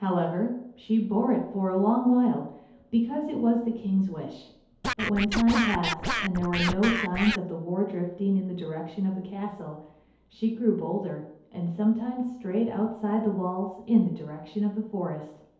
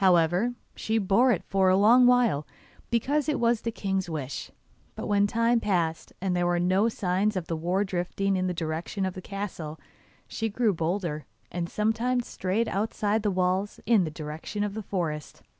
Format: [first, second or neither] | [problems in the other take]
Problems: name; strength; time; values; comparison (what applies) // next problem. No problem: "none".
second | background sound (Scratching (performance technique)); 3 dB below the speech // room echo; dies away in 2.2 s